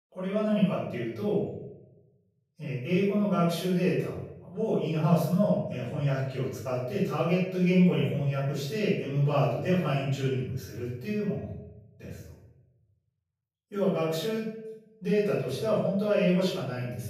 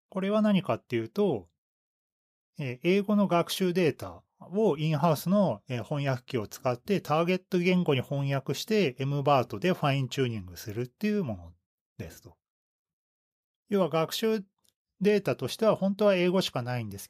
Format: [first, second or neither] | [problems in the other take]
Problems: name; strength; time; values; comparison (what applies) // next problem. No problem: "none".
second | off-mic speech; far // room echo; strong; dies away in 0.8 s